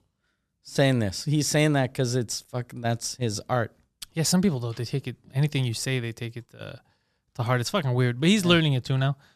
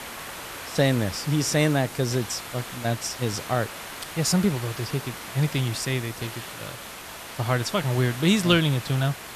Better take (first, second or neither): first